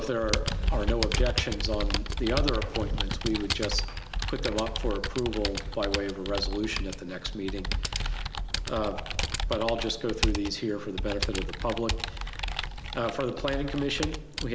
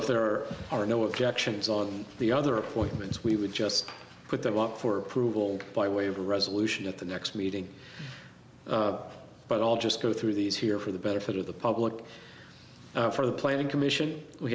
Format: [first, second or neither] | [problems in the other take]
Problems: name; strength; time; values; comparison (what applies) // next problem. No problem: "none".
second | background sound (Computer keyboard); 1 dB above the speech